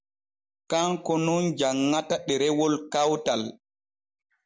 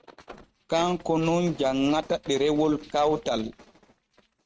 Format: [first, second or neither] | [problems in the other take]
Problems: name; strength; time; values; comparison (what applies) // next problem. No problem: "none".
first | noise reduction (neural mask model RNNoise)